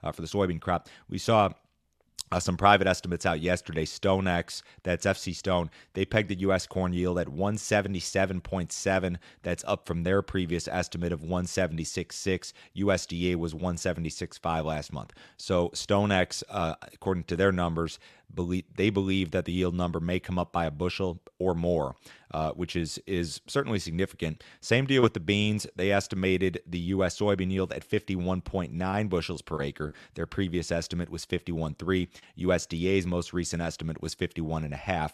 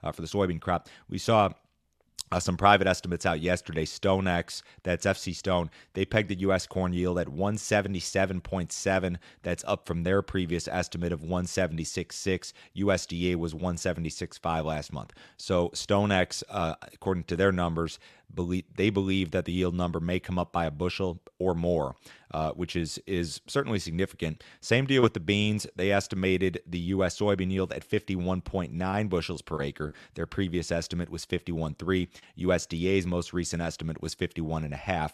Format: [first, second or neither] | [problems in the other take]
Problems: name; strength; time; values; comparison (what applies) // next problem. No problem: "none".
neither | none